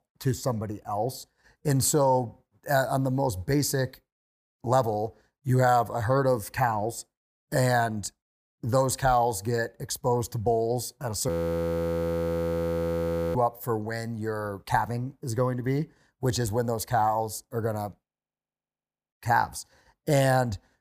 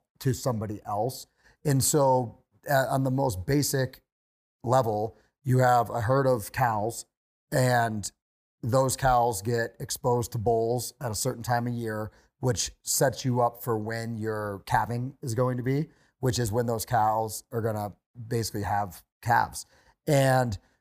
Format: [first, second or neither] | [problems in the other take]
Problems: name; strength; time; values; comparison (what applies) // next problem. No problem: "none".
second | audio freezing; at 11 s for 2 s and at 18 s for 1 s